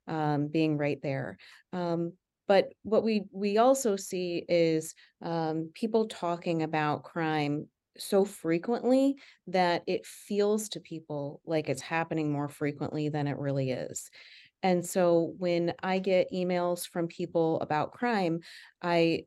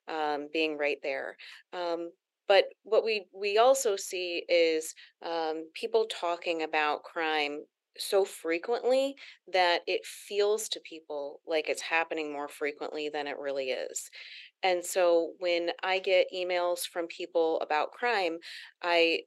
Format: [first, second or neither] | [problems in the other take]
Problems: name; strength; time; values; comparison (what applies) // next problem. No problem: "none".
first | thin; very; fading below 400 Hz